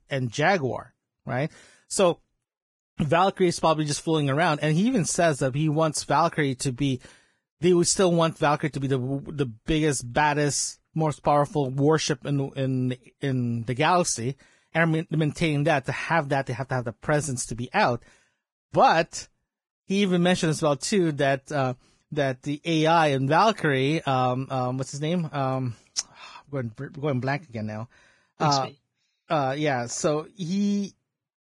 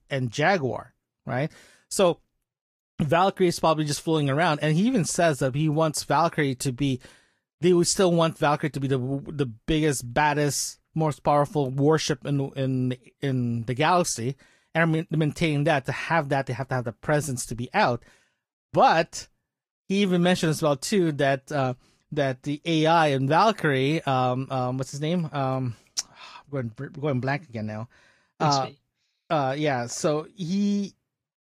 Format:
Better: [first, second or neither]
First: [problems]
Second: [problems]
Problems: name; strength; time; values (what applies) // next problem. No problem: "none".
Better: second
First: garbled, watery; badly; nothing above 10.5 kHz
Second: garbled, watery; slightly